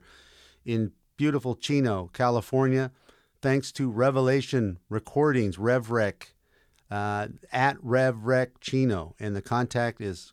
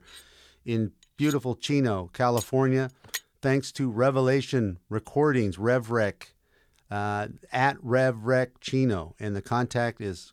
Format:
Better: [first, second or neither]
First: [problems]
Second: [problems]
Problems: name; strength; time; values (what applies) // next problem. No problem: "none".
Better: first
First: none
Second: clattering dishes; noticeable; until 3 s; peak 9 dB below the speech